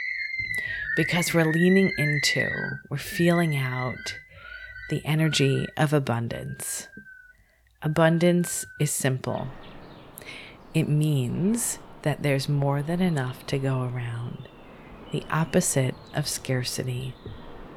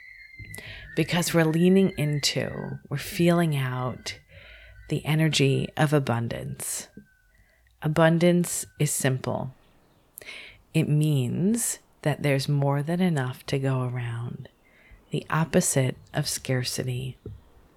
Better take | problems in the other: second | animal sounds; loud; throughout; 5 dB below the speech; faint in the second

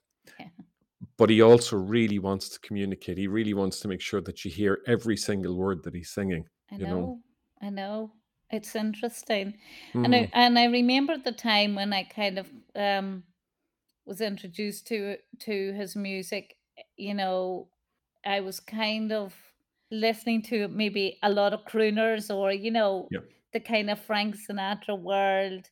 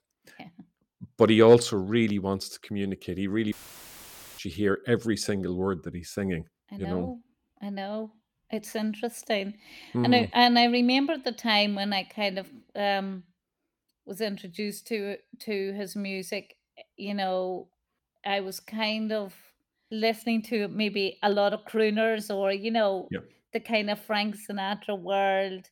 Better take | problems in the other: first | audio cutting out; filled with static; at 3.5 s for 1 s

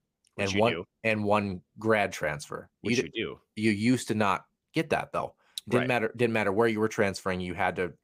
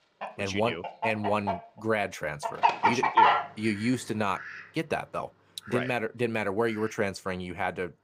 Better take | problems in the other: first | animal sounds; very loud; throughout; 4 dB above the speech

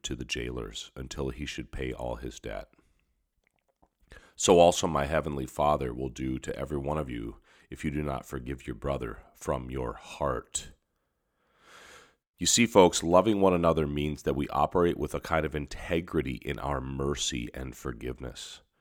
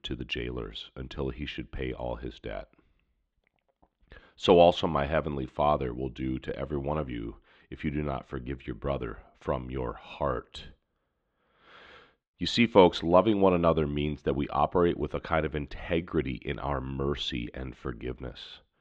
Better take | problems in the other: first | muffled; slightly; fading above 3.5 kHz

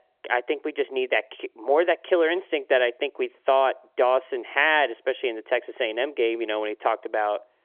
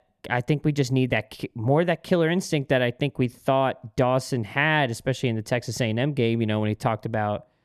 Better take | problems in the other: second | phone-call audio; nothing above 3.5 kHz

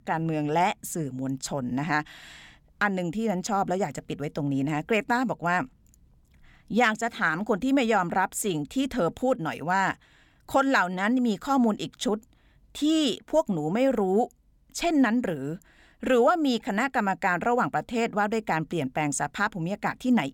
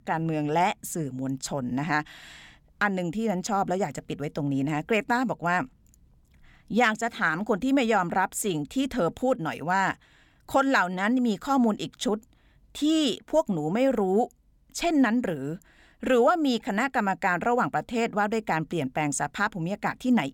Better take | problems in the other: neither | none

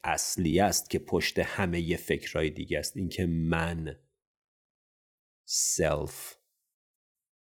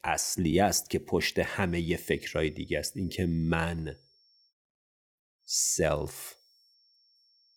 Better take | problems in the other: first | high-pitched whine; faint; from 1.5 to 4.5 s and from 5.5 s on; 5.5 kHz, 35 dB below the speech

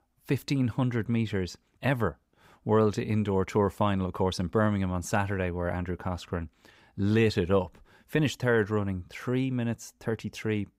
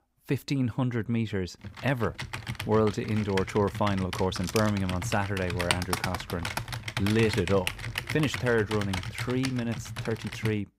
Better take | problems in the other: first | keyboard typing; loud; from 1.5 s on; peak level with the speech

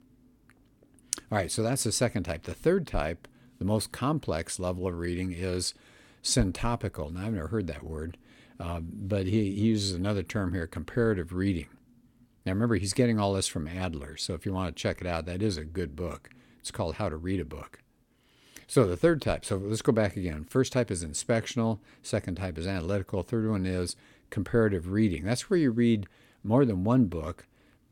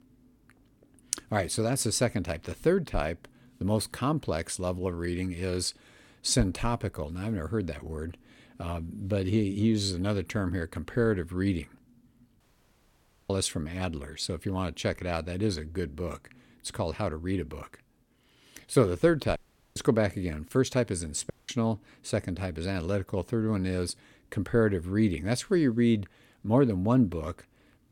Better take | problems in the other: first | audio cutting out; at 12 s for 1 s, at 19 s and at 21 s

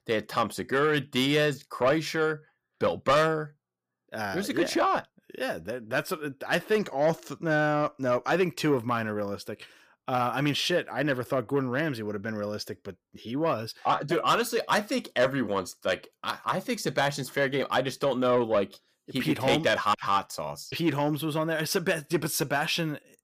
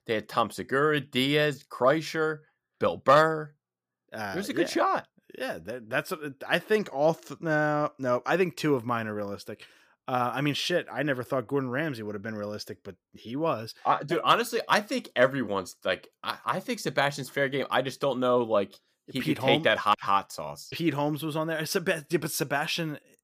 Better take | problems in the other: second | distortion; slight; 10 dB below the speech

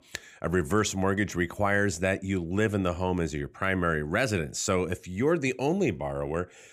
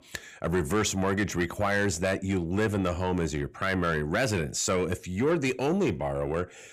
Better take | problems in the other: first | distortion; slight; 10 dB below the speech

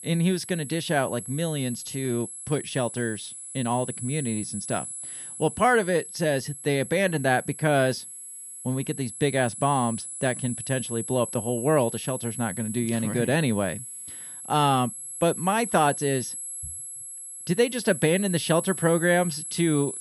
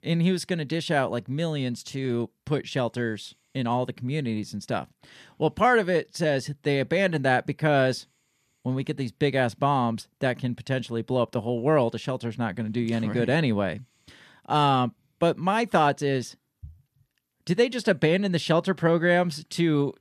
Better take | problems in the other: second | high-pitched whine; loud; throughout; 11 kHz, 8 dB below the speech

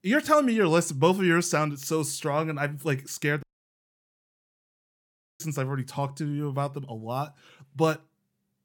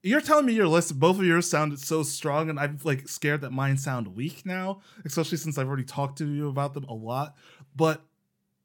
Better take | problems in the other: second | audio cutting out; at 3.5 s for 2 s

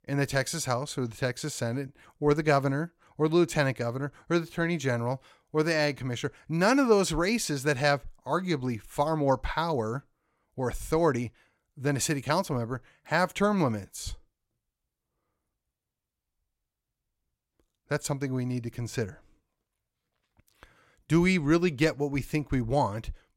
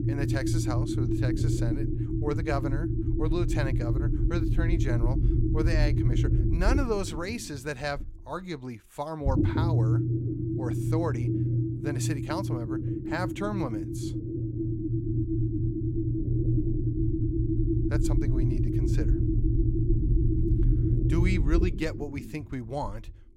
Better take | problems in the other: first | low rumble; loud; throughout; 1 dB below the speech

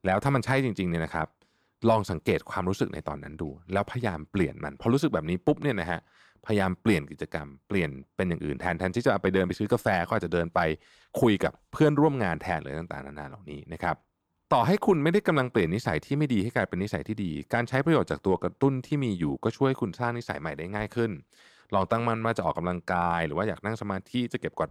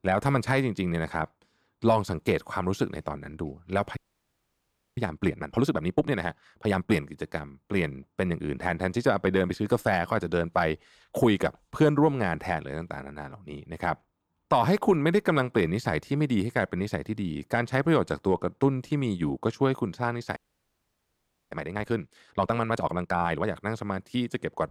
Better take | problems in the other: first | audio freezing; at 4 s for 1 s and at 20 s for 1 s

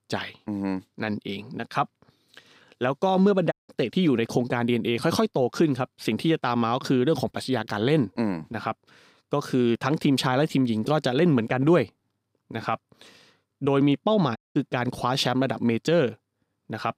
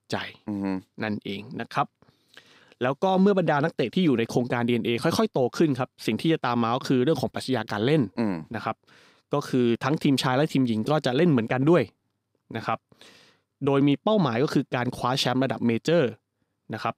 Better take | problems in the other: second | audio cutting out; at 3.5 s and at 14 s

